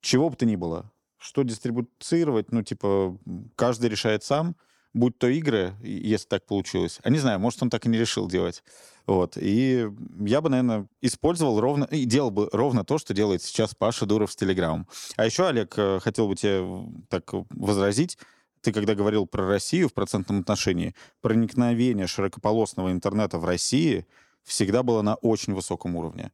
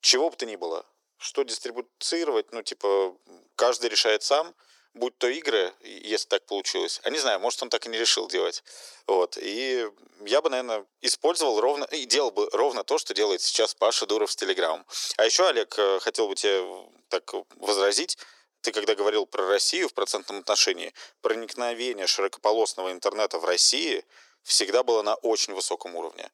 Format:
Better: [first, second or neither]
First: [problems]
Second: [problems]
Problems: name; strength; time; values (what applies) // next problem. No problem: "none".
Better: first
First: none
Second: thin; very; fading below 400 Hz